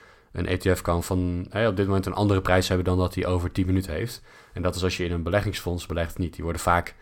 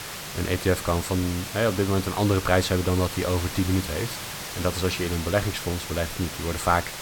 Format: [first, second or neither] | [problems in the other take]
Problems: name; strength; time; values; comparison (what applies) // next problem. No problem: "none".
first | hiss; loud; throughout; 7 dB below the speech